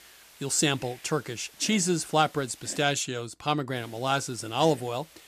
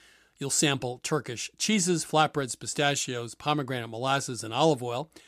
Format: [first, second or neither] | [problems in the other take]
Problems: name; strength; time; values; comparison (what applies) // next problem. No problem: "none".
second | hiss; faint; until 3 s and from 4 s on; 20 dB below the speech